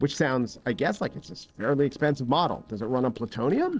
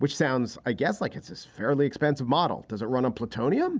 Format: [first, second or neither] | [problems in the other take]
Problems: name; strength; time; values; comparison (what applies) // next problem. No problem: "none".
second | noise reduction (neural separator model SepFormer DNS4)